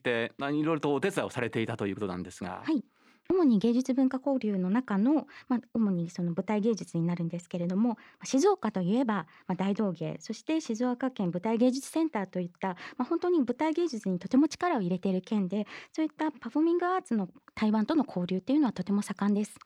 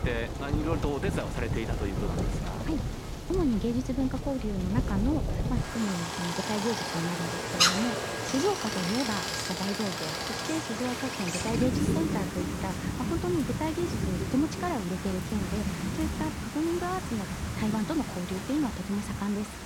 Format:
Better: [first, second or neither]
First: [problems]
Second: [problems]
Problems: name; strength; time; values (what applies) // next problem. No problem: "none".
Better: first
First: none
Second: rain or running water; very loud; throughout; 1 dB above the speech